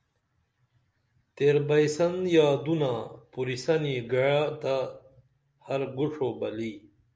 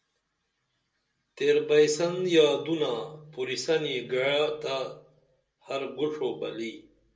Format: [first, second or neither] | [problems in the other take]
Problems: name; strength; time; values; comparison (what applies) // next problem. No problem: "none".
first | room echo; dies away in 0.2 s